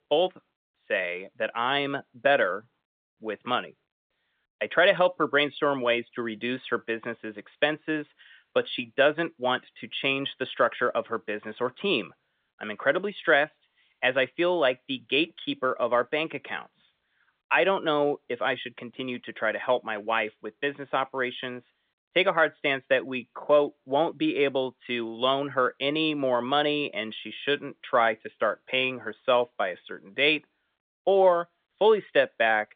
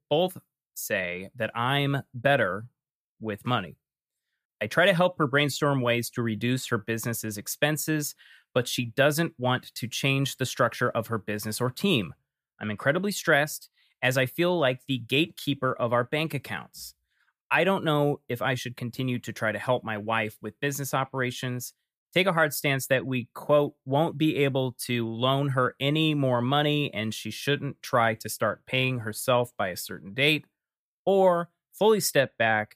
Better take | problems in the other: second | phone-call audio

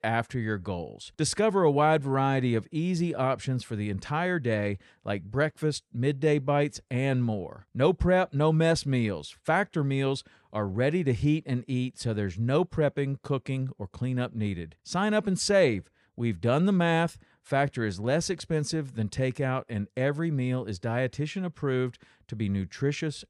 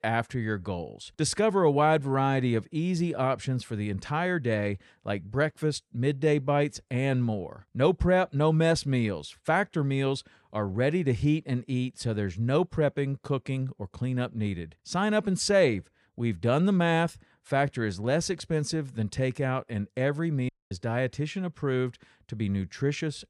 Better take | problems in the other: first | audio cutting out; at 20 s

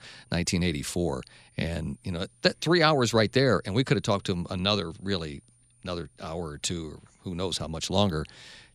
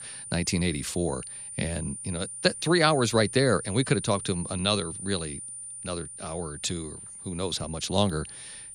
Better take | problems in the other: first | high-pitched whine; loud; throughout; 9 kHz, 10 dB below the speech; faint in the first

